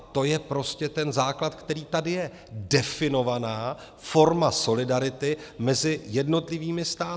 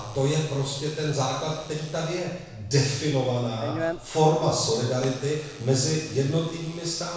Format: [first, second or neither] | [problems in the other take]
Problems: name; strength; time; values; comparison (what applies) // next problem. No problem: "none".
first | background sound (Alarm / Door); 15 dB below the speech // room echo; dies away in 1 s